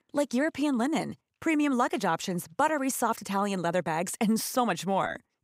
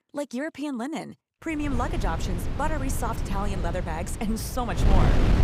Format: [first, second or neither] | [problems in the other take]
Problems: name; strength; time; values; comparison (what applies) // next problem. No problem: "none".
first | wind noise on the microphone; heavy; from 1.5 s on; 5 dB below the speech